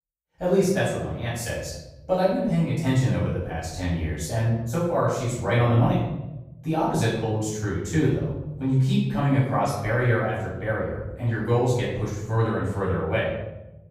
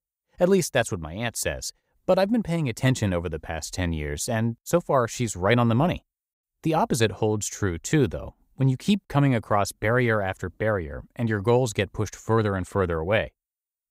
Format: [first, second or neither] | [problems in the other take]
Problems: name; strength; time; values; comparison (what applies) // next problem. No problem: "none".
second | off-mic speech; far // room echo; noticeable; dies away in 1 s